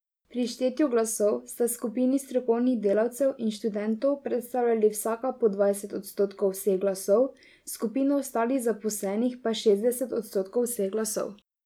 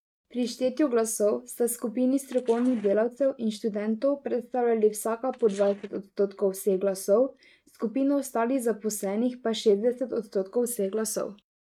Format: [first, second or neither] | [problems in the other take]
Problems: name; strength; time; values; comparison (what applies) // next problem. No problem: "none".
first | noise reduction (neural mask model RNNoise)